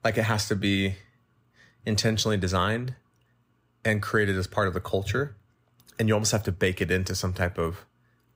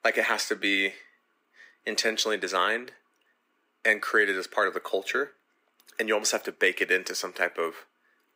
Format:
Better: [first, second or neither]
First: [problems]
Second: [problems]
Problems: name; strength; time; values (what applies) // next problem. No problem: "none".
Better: first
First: none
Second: thin; very; fading below 300 Hz